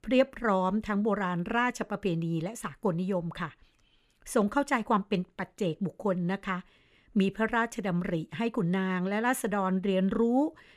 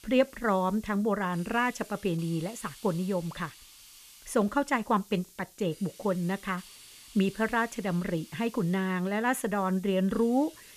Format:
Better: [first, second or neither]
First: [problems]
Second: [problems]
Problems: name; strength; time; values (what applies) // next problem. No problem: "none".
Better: first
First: none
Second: hiss; faint; throughout; 20 dB below the speech